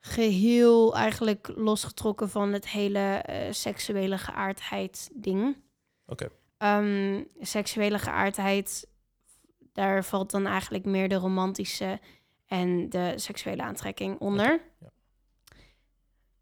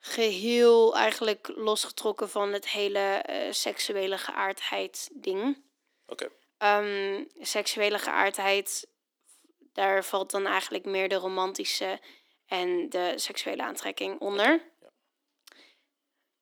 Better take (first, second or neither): first